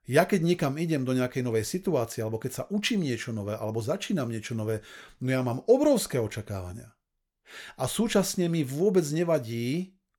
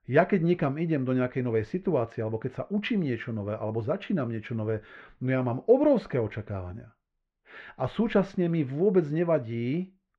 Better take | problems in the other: first | muffled; very; fading above 2.5 kHz

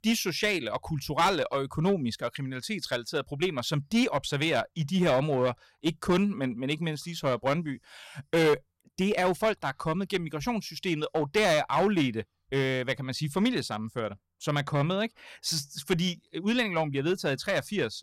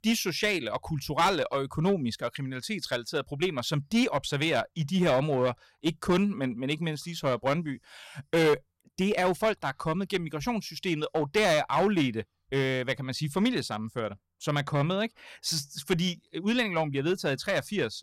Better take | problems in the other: neither | distortion; slight; 5% of the sound clipped; the same in both

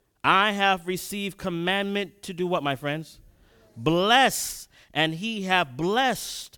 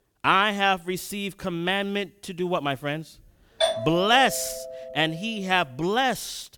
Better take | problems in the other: first | doorbell; noticeable; from 3.5 to 5 s; peak level with the speech

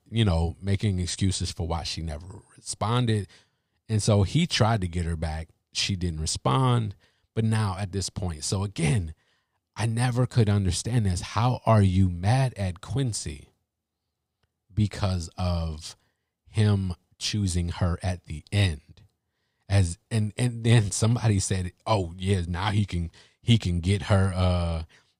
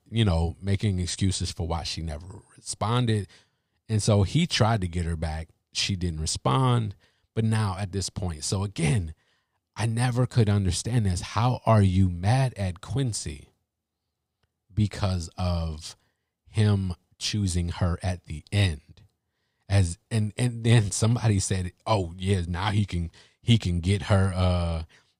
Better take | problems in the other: neither | none

